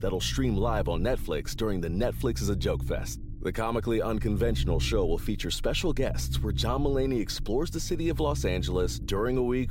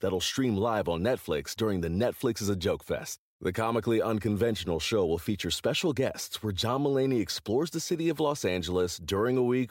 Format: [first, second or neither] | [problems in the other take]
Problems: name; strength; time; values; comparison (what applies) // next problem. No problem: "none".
second | low rumble; noticeable; throughout; 20 dB below the speech